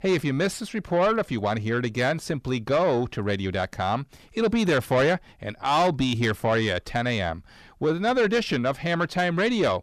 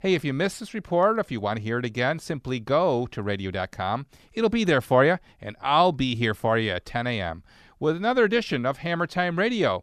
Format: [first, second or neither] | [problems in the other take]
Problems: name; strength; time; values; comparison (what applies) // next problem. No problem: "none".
second | distortion; slight; 10 dB below the speech